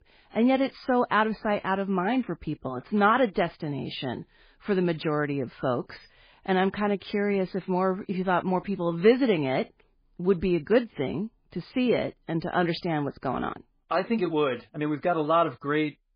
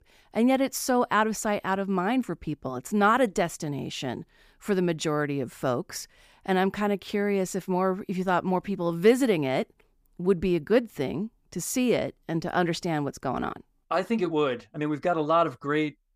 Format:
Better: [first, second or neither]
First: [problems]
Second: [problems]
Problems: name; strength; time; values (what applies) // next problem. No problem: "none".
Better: second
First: garbled, watery; badly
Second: none